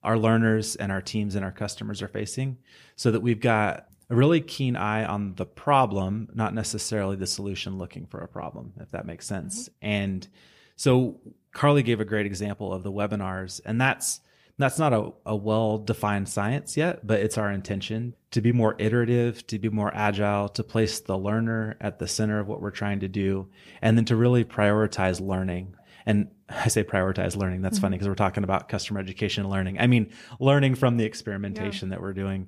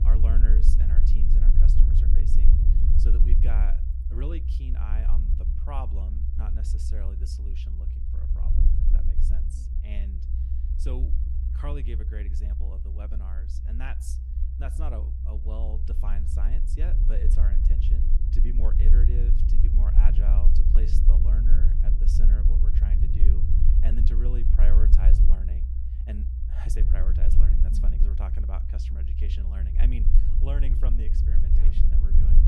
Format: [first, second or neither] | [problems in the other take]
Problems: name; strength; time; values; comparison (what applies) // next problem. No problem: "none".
first | low rumble; loud; throughout; as loud as the speech